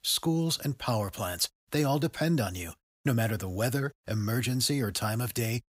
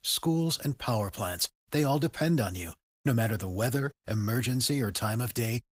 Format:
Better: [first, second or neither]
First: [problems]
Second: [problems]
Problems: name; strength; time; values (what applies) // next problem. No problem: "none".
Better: first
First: none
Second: garbled, watery; slightly; nothing above 15.5 kHz